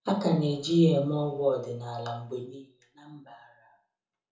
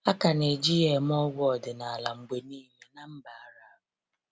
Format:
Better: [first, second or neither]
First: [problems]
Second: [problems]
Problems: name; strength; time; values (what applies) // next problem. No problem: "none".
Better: second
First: room echo; dies away in 0.6 s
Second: none